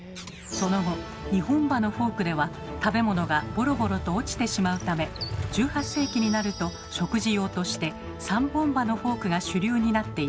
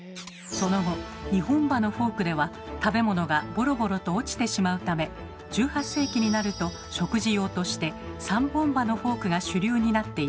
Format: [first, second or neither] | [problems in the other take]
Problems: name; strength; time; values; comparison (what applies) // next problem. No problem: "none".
second | background sound (Motorcycle); 14 dB below the speech